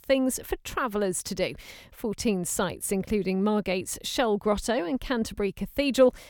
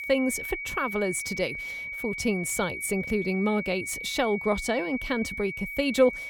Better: first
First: none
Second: high-pitched whine; loud; throughout; 2.5 kHz, 5 dB below the speech

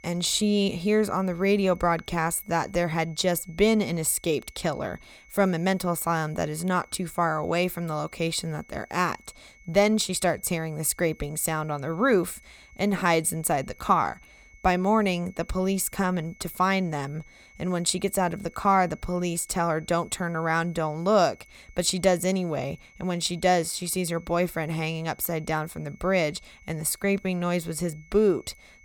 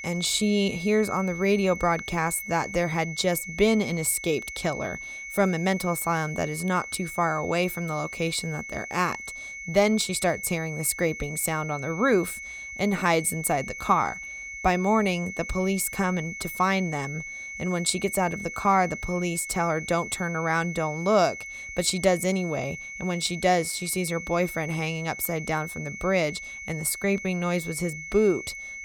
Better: first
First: high-pitched whine; faint; throughout; 2 kHz, 25 dB below the speech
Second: high-pitched whine; loud; throughout; 2 kHz, 10 dB below the speech

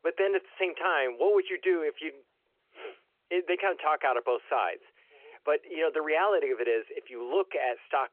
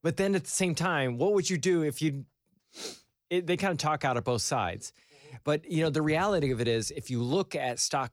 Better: second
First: phone-call audio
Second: none

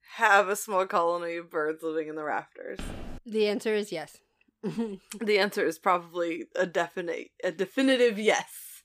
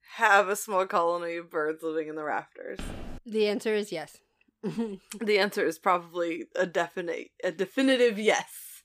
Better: neither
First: footsteps; faint; at 3 s; peak 15 dB below the speech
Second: footsteps; faint; at 3 s; peak 15 dB below the speech

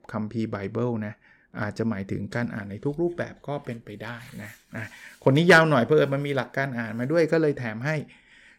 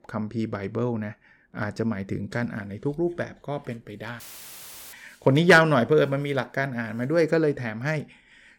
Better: first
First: none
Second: audio cutting out; filled with static; at 4 s for 0.5 s

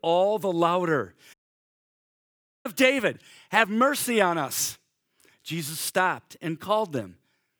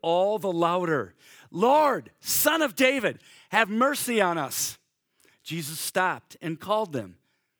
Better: second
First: audio cutting out; at 1.5 s for 1.5 s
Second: none

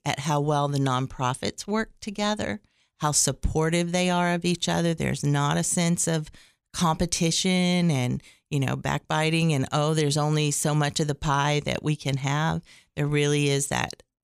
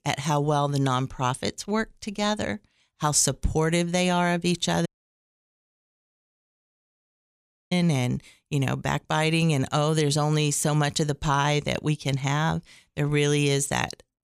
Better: first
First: none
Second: audio cutting out; at 5 s for 3 s

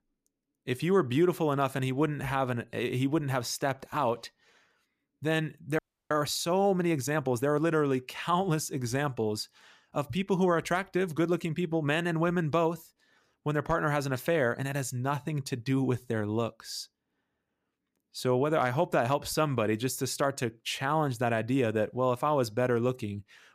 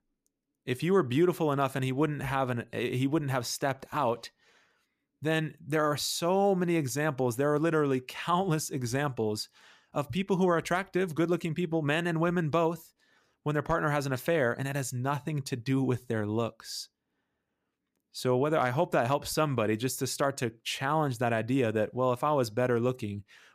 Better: second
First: audio freezing; at 6 s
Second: none

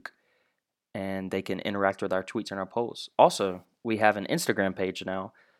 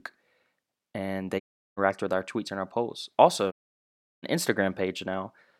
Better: first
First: none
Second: audio cutting out; at 1.5 s and at 3.5 s for 0.5 s

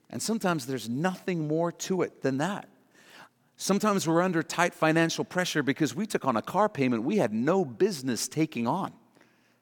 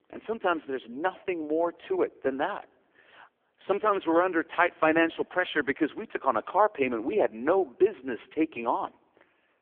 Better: first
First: none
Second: phone-call audio; poor line

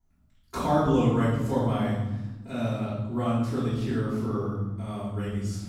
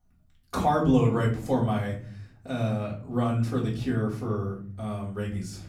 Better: second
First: room echo; strong; dies away in 1.2 s // off-mic speech; far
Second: room echo; slight; dies away in 0.5 s // off-mic speech; far

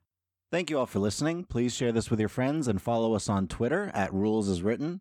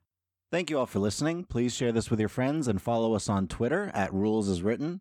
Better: neither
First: none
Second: none

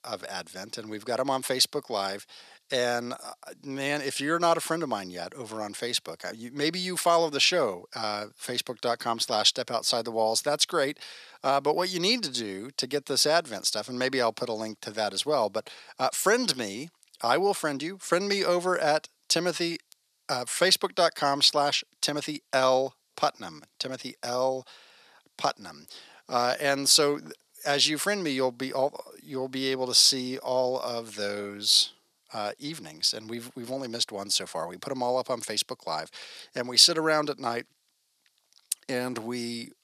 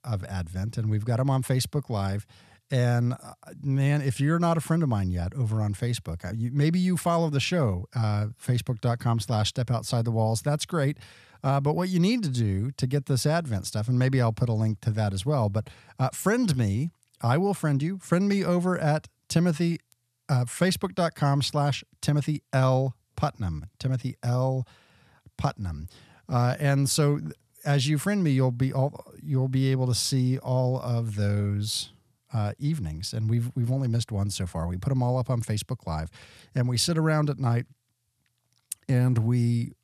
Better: second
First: thin; very; fading below 350 Hz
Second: none

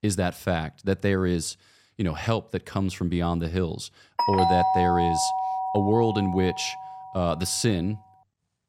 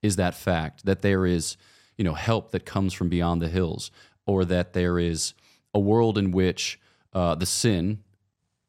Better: second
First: doorbell; loud; from 4 to 7 s; peak 5 dB above the speech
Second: none

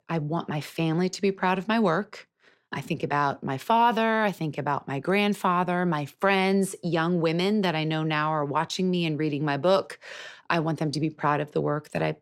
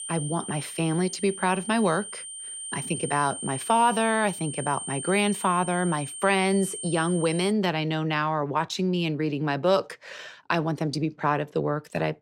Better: first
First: none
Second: high-pitched whine; loud; until 7.5 s; 8.5 kHz, 8 dB below the speech

